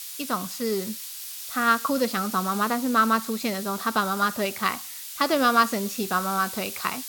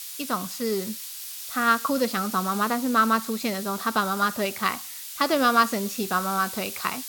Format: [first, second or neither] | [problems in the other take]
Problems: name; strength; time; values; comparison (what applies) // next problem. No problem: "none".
neither | hiss; loud; throughout; 9 dB below the speech; the same in both